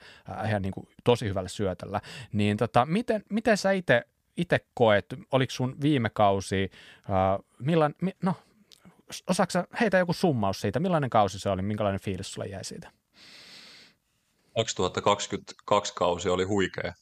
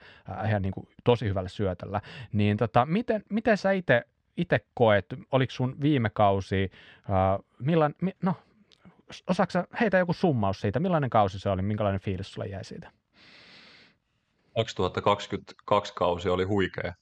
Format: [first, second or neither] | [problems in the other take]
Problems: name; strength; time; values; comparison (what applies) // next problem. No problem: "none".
first | muffled; slightly; fading above 3.5 kHz